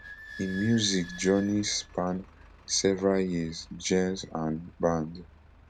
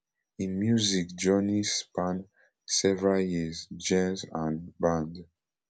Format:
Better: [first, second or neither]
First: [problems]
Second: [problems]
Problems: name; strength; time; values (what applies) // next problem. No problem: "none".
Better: second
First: background sound (Squeak / Idling); 18 dB below the speech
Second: none